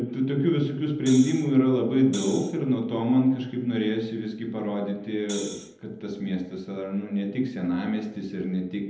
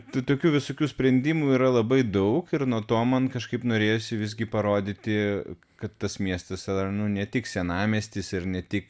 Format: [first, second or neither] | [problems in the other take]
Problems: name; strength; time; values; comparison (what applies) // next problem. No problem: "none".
second | background sound (Hi-hat); 15 dB below the speech // room echo; dies away in 0.8 s